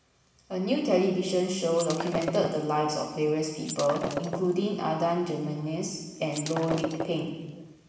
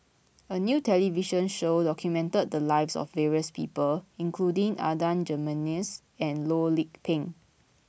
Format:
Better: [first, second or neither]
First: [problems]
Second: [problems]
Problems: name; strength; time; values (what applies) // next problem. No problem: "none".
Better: second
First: background sound (Shatter); 8 dB below the speech // room echo; dies away in 1.2 s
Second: none